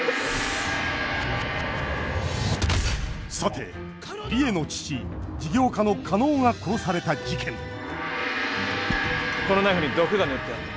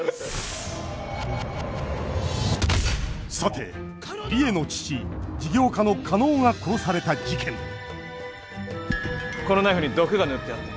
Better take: second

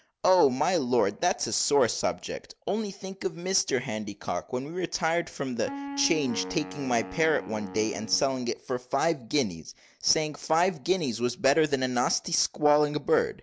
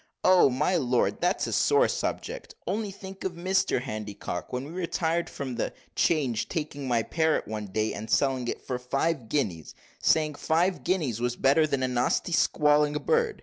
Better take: second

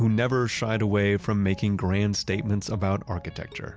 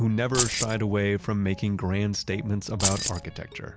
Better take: first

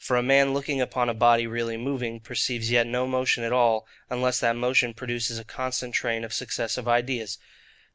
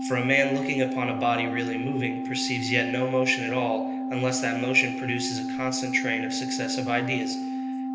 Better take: first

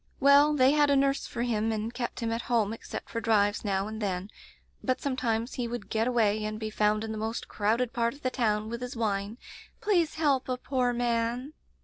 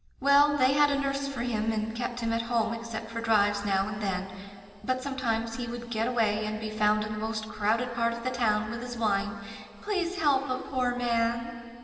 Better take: first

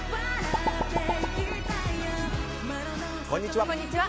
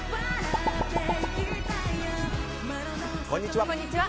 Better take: first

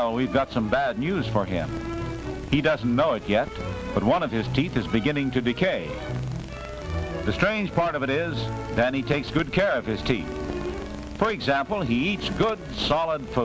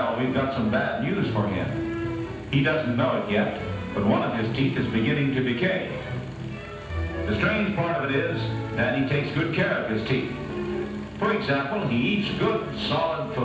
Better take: first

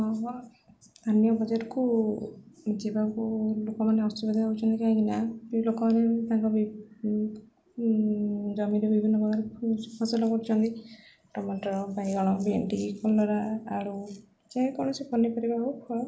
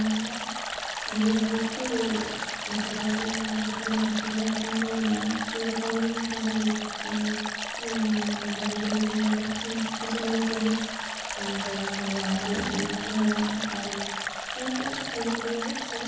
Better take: first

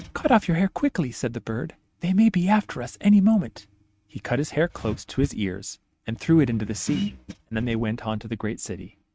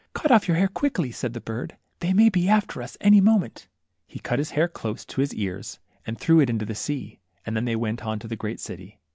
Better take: second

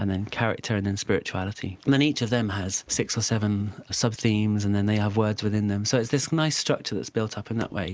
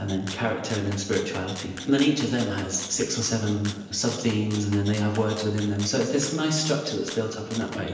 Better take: first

